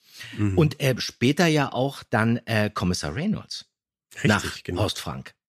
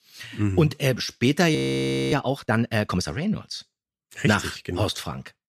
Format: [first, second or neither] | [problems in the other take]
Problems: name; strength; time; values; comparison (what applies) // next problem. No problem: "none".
first | audio freezing; at 1.5 s for 0.5 s